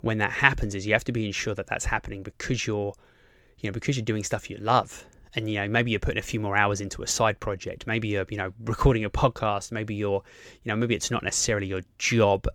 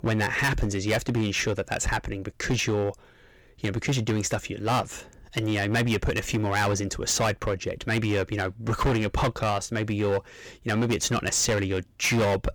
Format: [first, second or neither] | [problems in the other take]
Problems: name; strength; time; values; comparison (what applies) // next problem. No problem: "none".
first | distortion; heavy; 12% of the sound clipped